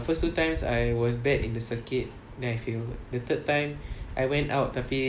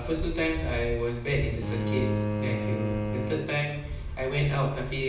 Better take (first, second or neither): first